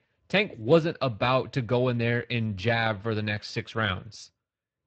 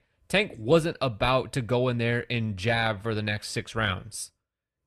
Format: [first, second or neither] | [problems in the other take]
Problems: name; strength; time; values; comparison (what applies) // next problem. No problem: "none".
second | garbled, watery; slightly; nothing above 7.5 kHz